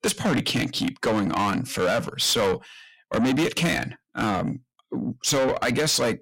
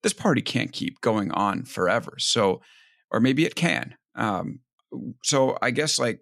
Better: second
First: distortion; heavy; 6 dB below the speech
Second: none

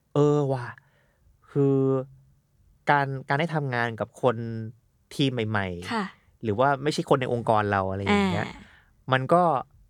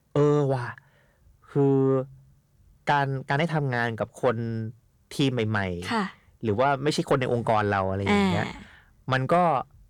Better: first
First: none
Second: distortion; slight; 10 dB below the speech

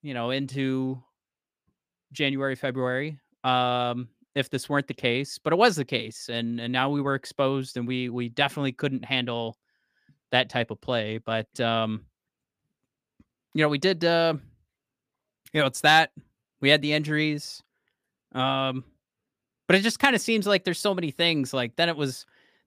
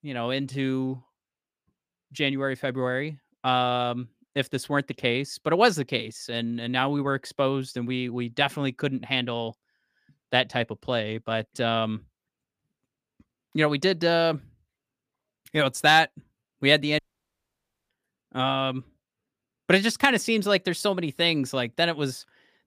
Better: first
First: none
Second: audio cutting out; at 17 s for 1 s

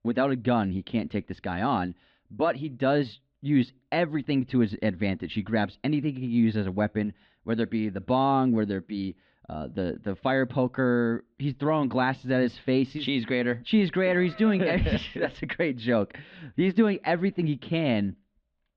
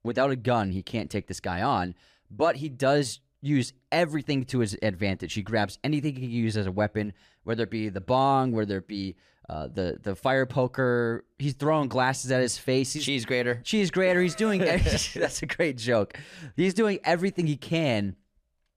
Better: second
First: muffled; slightly; fading above 4 kHz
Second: none

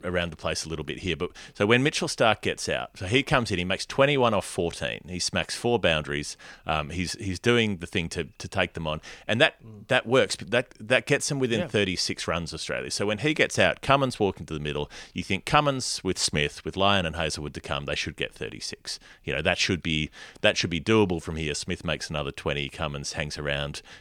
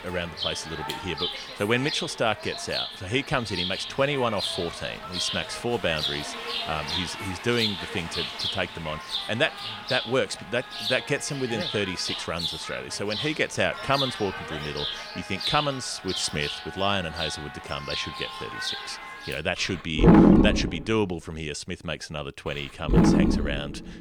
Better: first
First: none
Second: animal sounds; very loud; throughout; 1 dB above the speech

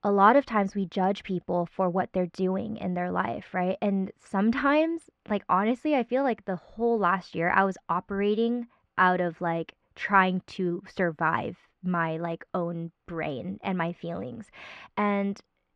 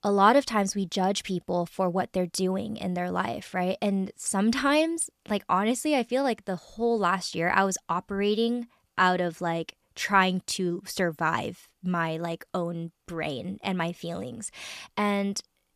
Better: second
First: muffled; very; fading above 2 kHz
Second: none

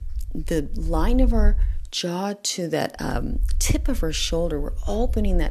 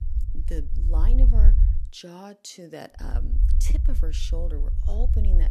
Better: first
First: low rumble; faint; until 2 s and from 3 s on; 25 dB below the speech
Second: low rumble; loud; until 2 s and from 3 s on; 5 dB below the speech

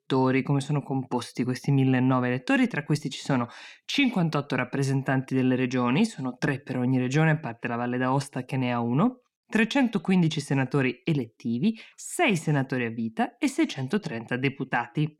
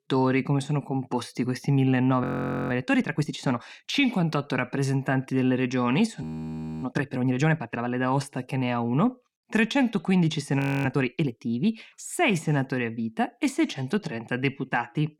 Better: first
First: none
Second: audio freezing; at 2 s, at 6 s for 0.5 s and at 11 s

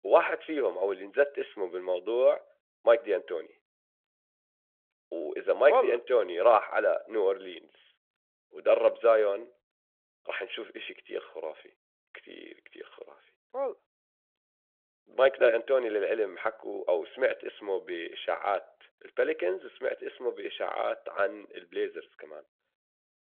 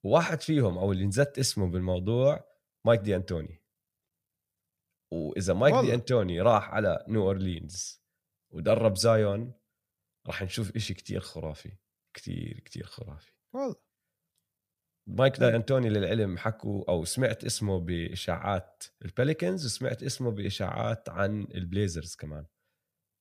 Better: second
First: phone-call audio; nothing above 3.5 kHz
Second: none

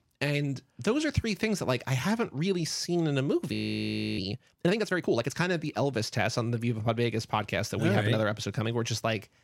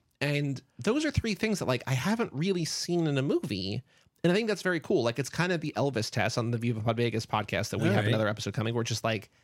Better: second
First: audio freezing; at 3.5 s for 0.5 s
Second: none

